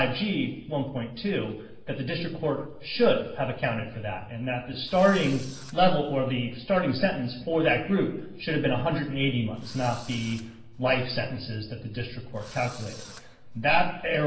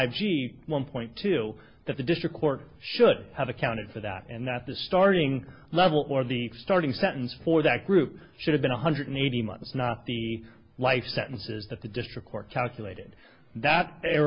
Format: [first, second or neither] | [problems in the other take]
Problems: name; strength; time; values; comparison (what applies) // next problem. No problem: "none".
second | noise reduction (neural separator model SepFormer DNS4)